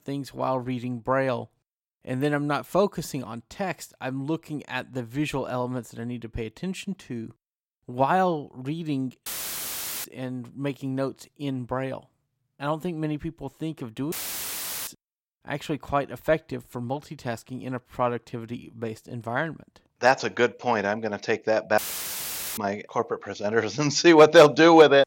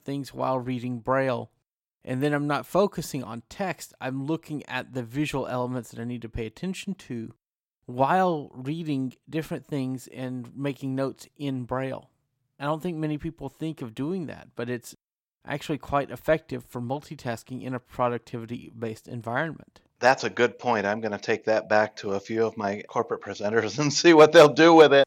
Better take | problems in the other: second | audio cutting out; filled with static; at 9.5 s for 1 s, at 14 s for 1 s and at 22 s for 1 s

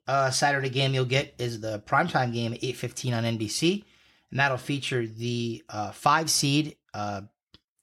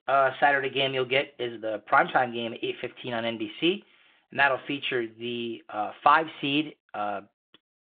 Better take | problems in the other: first | phone-call audio

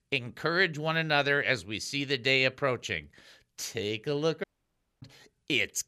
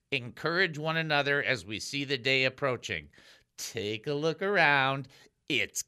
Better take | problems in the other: second | audio cutting out; at 4.5 s for 0.5 s

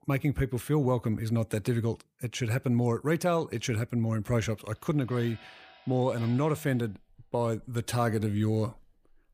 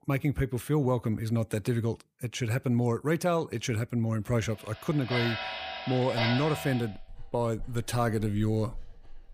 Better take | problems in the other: first | household noises; loud; from 5 s on; 5 dB below the speech; faint in the first

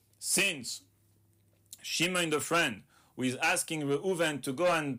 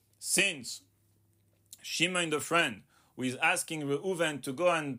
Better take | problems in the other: second | distortion; slight; 4% of the sound clipped

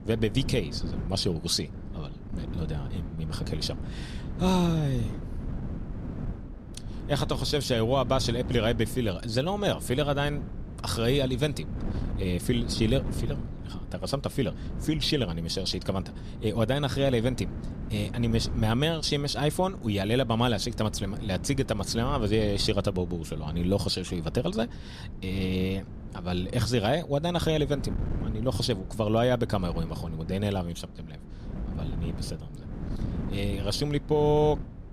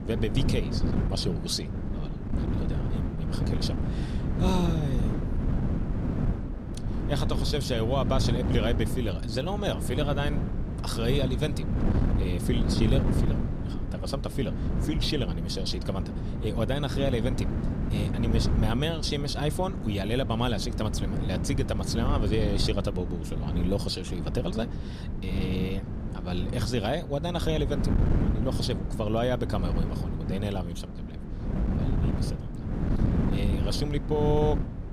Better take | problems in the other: first | wind noise on the microphone; heavy; 6 dB below the speech; occasional gusts in the first

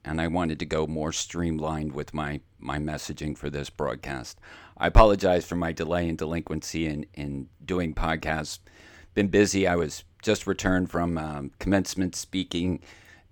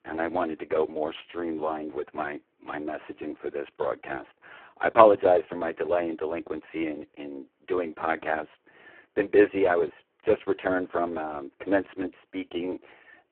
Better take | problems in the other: first | phone-call audio; poor line

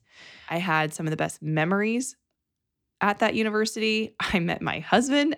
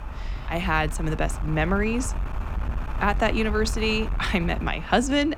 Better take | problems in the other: first | wind noise on the microphone; occasional gusts; 15 dB below the speech

